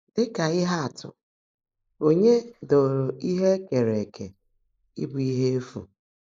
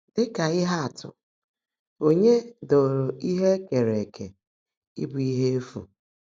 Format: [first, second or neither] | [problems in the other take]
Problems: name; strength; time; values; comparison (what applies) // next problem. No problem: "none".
second | noise reduction (neural mask model Resemble Enhance denoiser)